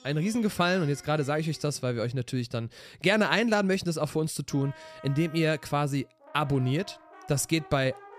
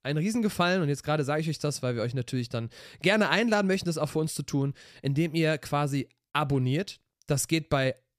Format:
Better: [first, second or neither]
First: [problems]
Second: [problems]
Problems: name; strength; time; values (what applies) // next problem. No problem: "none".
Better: second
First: background music; faint; throughout; 20 dB below the speech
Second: none